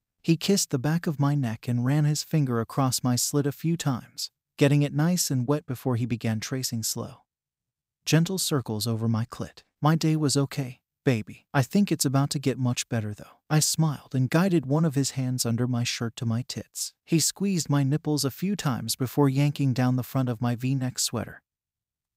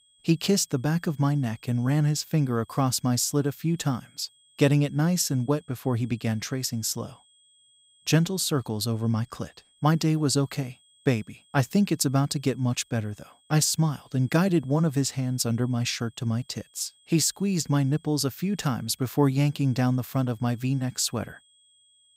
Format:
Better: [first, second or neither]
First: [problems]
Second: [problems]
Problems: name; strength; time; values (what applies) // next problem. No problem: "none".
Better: first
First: none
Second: high-pitched whine; faint; throughout; 3.5 kHz, 35 dB below the speech